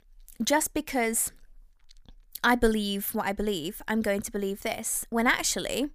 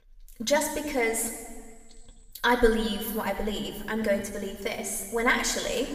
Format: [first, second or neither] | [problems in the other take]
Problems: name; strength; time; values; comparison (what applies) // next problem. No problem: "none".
first | room echo; noticeable; dies away in 1.5 s // off-mic speech; somewhat distant